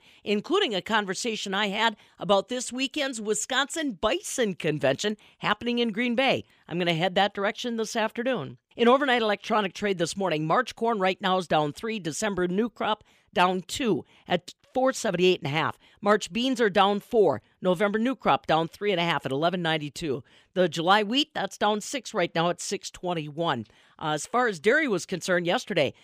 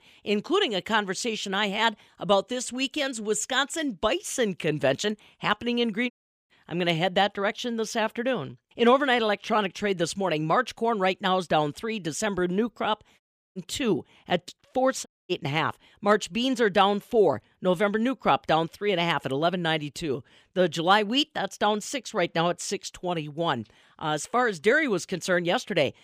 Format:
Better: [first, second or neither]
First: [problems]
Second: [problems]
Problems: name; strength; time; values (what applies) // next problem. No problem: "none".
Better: first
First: none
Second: audio cutting out; at 6 s, at 13 s and at 15 s